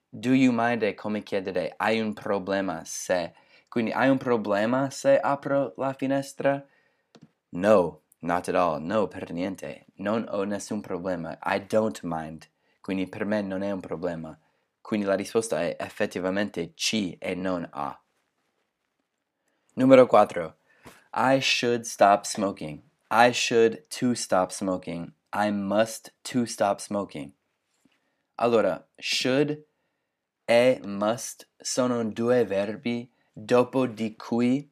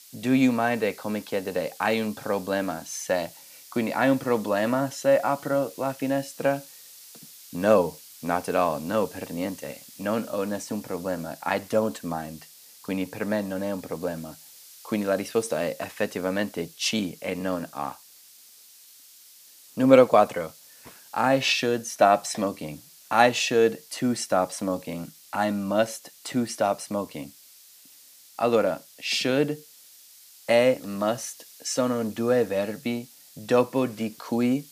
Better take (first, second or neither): first